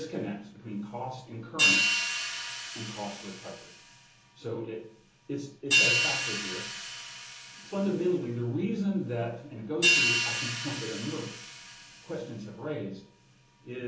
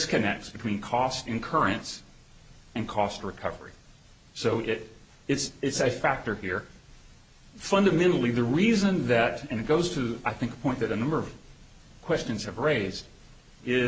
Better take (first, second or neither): second